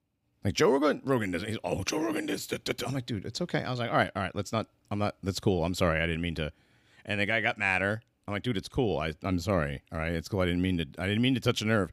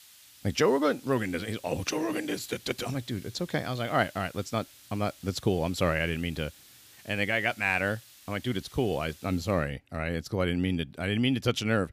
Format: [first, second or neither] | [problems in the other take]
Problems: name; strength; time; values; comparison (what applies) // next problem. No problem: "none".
first | hiss; faint; until 9.5 s; 20 dB below the speech